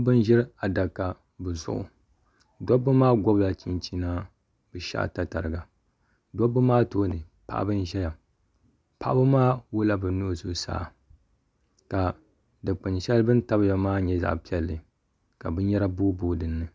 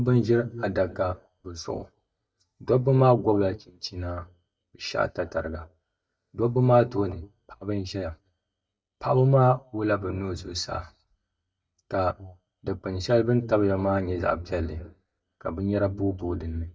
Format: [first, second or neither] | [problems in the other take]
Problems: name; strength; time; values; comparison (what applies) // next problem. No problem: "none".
first | noise reduction (neural mask model DeepFilterNet 3)